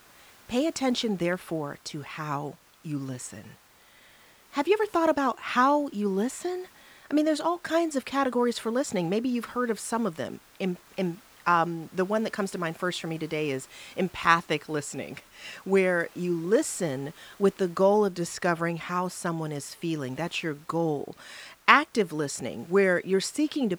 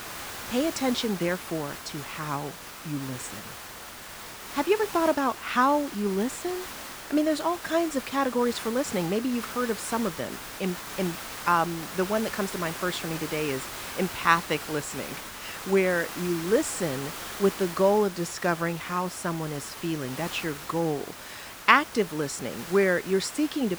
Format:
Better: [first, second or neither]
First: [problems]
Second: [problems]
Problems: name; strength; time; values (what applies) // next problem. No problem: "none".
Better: first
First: hiss; faint; throughout; 25 dB below the speech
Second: hiss; loud; throughout; 10 dB below the speech